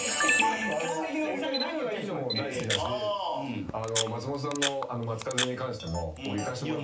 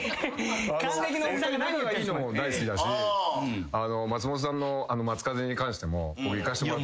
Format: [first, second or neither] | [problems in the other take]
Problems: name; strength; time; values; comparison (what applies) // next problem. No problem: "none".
second | background sound (Camera); 2 dB below the speech // room echo; dies away in 0.3 s